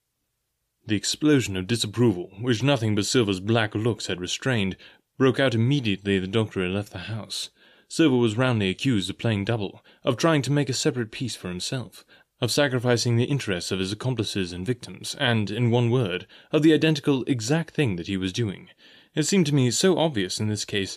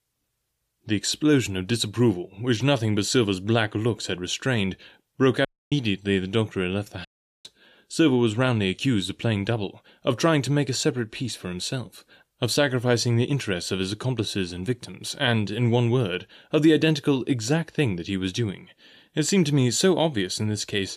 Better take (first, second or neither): first